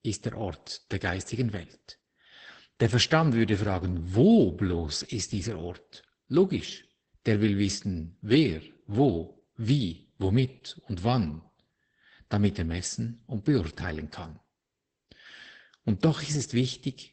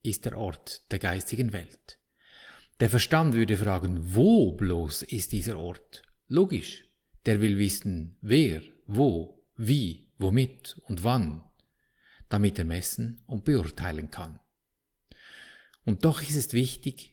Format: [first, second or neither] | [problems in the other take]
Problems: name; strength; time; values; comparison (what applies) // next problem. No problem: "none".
second | garbled, watery; badly; nothing above 8 kHz; slightly in the second